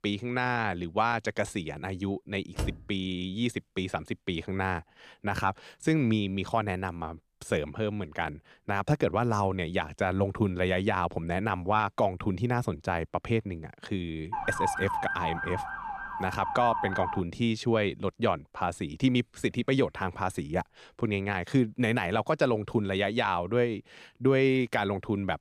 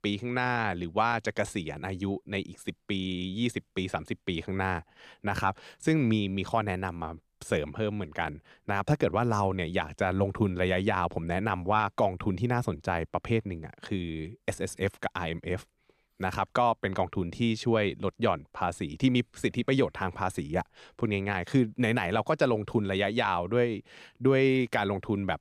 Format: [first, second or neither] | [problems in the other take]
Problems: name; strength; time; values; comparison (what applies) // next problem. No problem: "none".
second | door banging; noticeable; at 2.5 s; peak 7 dB below the speech // siren; noticeable; from 14 to 17 s; peak level with the speech